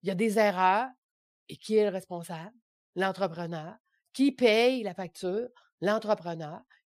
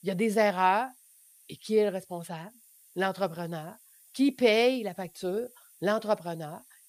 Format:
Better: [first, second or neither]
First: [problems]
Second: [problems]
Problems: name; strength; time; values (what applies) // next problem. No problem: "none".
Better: first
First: none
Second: hiss; faint; throughout; 25 dB below the speech